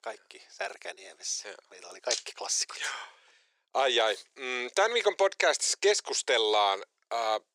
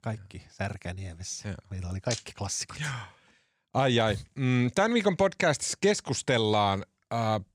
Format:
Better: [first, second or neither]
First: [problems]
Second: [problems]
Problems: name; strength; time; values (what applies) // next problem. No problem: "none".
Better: second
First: thin; very; fading below 400 Hz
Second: none